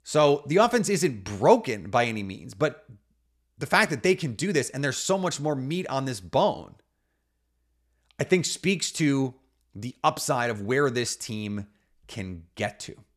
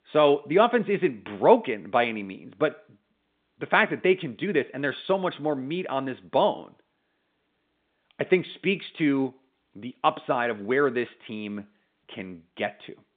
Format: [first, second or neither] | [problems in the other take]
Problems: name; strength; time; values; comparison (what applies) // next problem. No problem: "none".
first | phone-call audio; nothing above 3.5 kHz